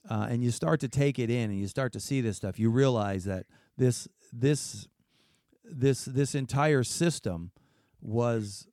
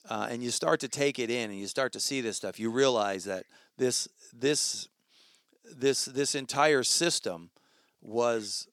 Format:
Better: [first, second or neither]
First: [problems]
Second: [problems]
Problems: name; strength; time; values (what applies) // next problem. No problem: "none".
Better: first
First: none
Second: thin; somewhat; fading below 400 Hz